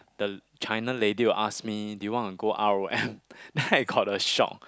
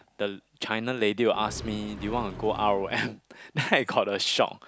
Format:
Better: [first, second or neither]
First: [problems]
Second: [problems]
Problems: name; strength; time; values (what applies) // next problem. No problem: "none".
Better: first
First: none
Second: background sound (Accelerating, revving, vroom); 11 dB below the speech